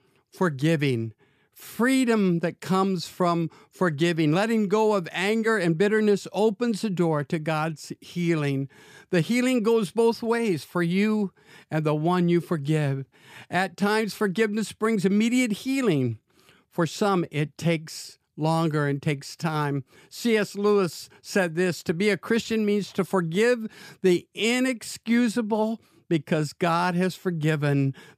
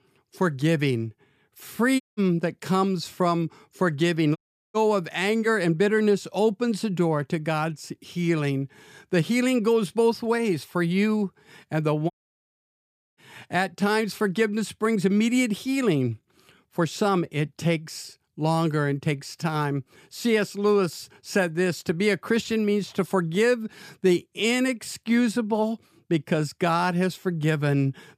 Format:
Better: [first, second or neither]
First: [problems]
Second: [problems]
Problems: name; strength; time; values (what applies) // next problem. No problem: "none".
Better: first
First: none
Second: audio cutting out; at 2 s, at 4.5 s and at 12 s for 1 s